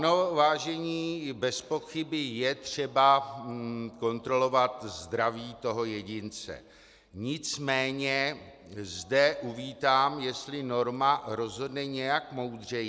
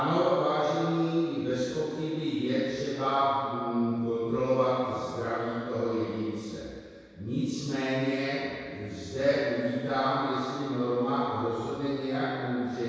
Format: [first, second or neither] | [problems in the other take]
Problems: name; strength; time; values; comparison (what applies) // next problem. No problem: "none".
first | room echo; dies away in 2 s